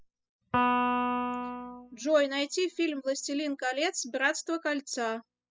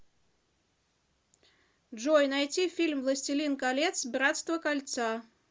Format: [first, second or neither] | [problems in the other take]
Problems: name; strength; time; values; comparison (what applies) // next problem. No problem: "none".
second | noise reduction (classical method spectral subtraction)